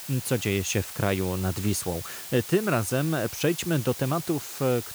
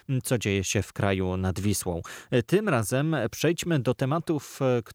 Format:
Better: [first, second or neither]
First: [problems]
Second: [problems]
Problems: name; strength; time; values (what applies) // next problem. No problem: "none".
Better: second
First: hiss; loud; throughout; 9 dB below the speech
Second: none